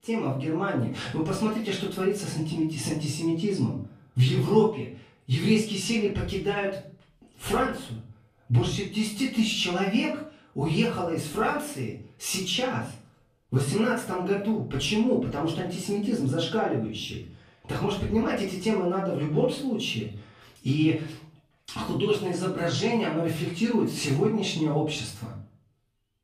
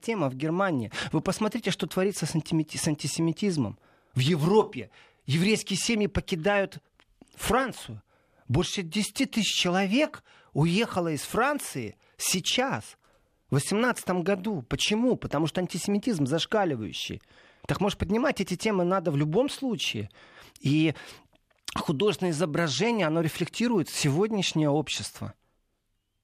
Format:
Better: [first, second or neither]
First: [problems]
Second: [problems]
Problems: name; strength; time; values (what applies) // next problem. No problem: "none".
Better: second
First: off-mic speech; far // room echo; noticeable; dies away in 0.4 s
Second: none